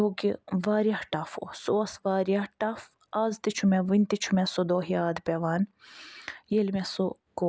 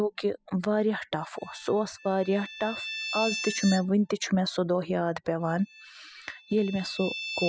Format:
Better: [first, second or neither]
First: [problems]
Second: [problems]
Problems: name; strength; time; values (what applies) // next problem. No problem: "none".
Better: first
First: none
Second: noise reduction (classical method spectral subtraction)